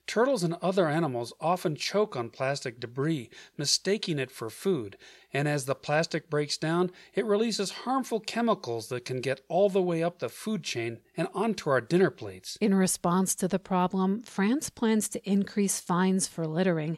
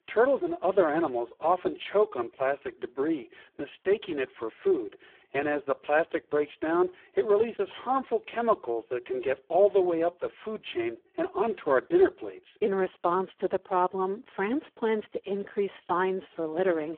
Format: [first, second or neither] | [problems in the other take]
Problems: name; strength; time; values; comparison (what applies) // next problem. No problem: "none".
first | phone-call audio; poor line